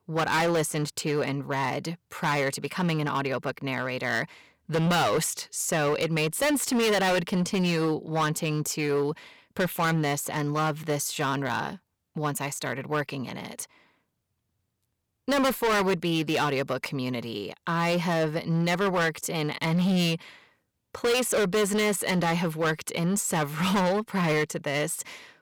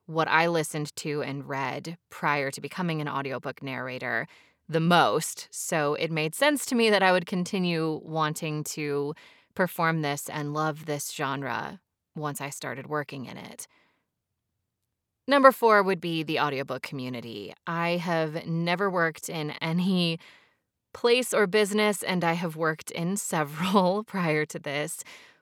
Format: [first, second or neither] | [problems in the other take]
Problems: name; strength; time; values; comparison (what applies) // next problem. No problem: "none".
second | distortion; heavy; 12% of the sound clipped